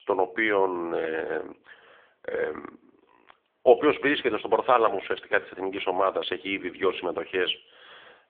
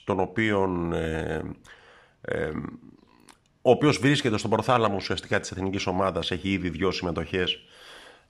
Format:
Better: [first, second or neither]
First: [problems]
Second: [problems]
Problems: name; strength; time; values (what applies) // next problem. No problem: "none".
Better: second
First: phone-call audio; poor line; nothing above 3.5 kHz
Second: none